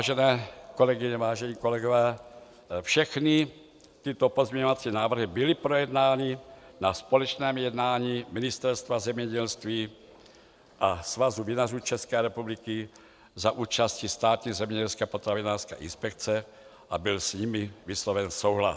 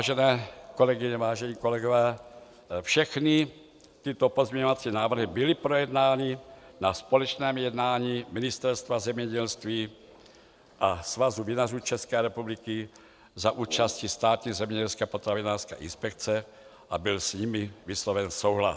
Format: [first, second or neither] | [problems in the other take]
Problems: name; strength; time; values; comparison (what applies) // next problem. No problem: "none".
first | background sound (Brass instrument); 18 dB below the speech